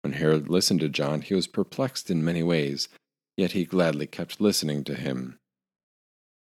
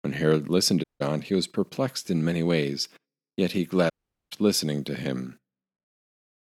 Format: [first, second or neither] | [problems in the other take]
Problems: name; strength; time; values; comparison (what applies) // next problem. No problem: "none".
first | audio cutting out; at 1 s and at 4 s